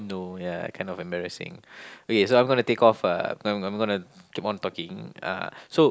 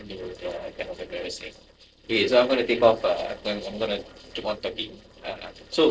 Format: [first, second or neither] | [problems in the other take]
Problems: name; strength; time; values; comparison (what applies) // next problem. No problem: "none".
first | noise reduction (neural separator model SepFormer DNS4)